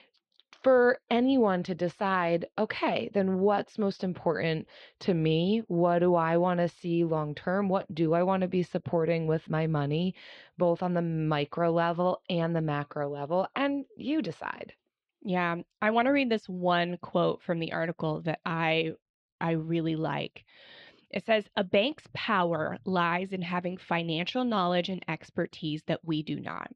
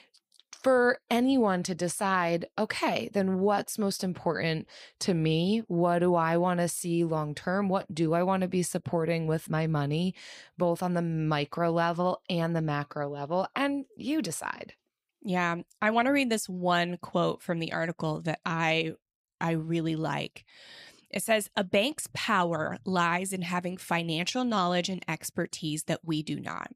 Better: second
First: muffled; slightly; fading above 3.5 kHz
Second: none

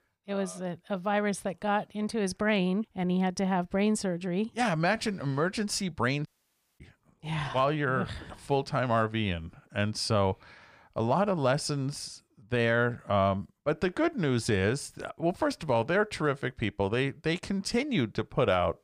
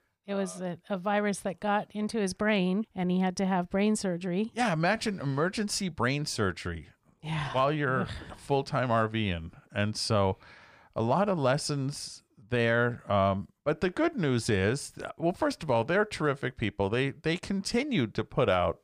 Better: second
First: audio cutting out; at 6.5 s for 0.5 s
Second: none

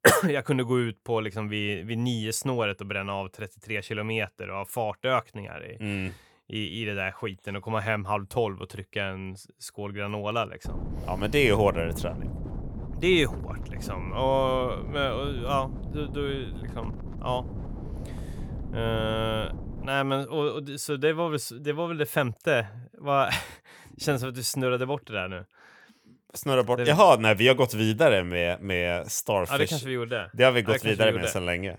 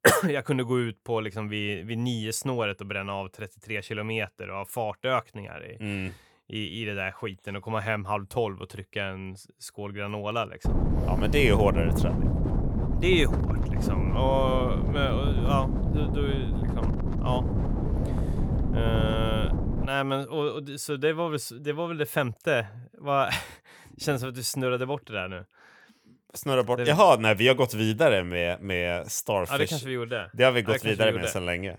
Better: first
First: wind noise on the microphone; occasional gusts; from 11 to 20 s; 20 dB below the speech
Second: wind noise on the microphone; heavy; from 11 to 20 s; 9 dB below the speech

